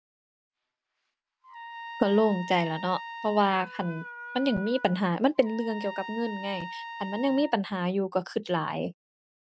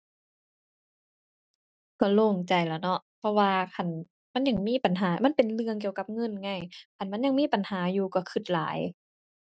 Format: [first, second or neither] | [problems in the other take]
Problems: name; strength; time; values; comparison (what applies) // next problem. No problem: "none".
second | background sound (Trumpet + Wind instrument, woodwind instrument); 12 dB below the speech